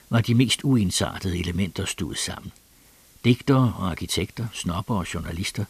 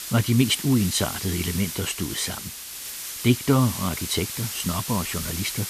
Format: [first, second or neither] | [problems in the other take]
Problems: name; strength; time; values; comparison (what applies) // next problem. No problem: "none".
first | hiss; loud; throughout; 6 dB below the speech; faint in the first